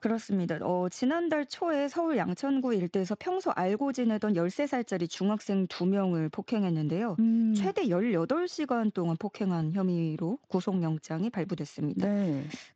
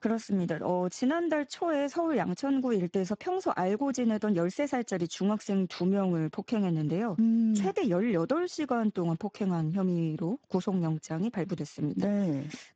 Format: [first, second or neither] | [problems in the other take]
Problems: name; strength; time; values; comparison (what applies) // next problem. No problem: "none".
first | garbled, watery; badly; nothing above 7.5 kHz; slightly in the first